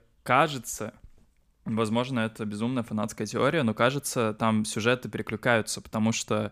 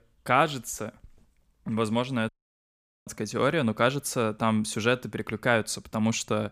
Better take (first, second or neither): first